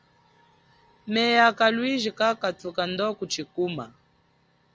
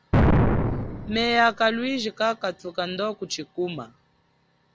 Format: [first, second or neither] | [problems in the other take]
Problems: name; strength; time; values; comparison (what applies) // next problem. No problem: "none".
first | background sound (Explosion); 4 dB above the speech